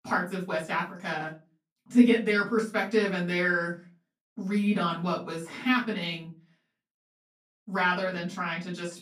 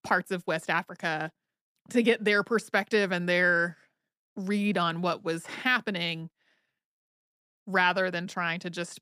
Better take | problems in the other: second | off-mic speech; far // room echo; slight; dies away in 0.2 s

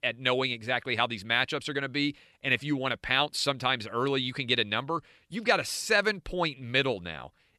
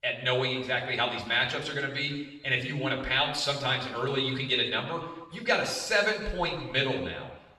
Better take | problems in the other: first | room echo; noticeable; dies away in 1 s // off-mic speech; far

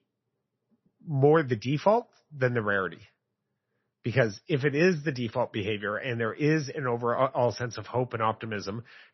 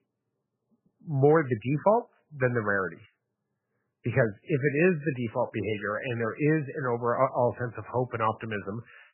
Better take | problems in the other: first | garbled, watery; badly; nothing above 3 kHz; slightly in the first

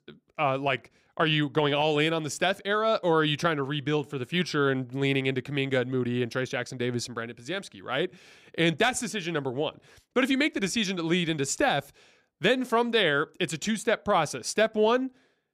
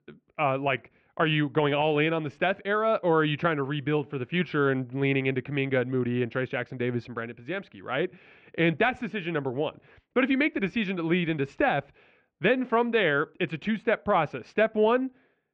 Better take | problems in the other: first | muffled; very; fading above 2.5 kHz

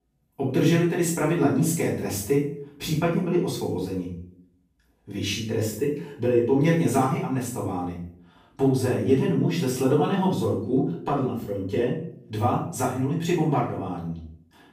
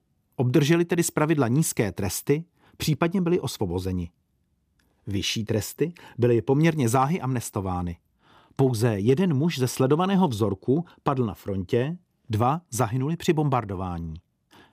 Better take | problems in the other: second | off-mic speech; far // room echo; noticeable; dies away in 0.5 s

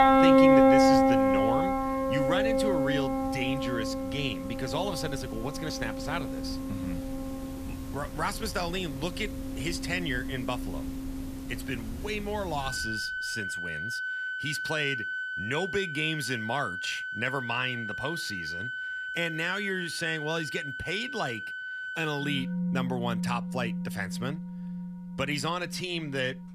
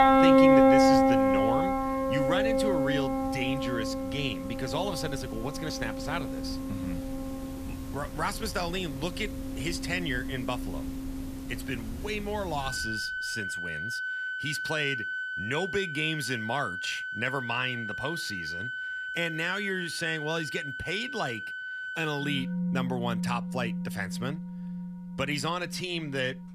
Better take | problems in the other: neither | background music; very loud; throughout; 3 dB above the speech; the same in both

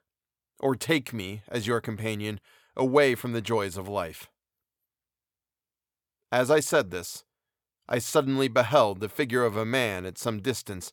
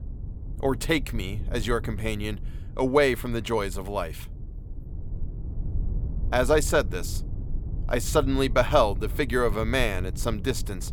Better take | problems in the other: first | low rumble; faint; throughout; 25 dB below the speech

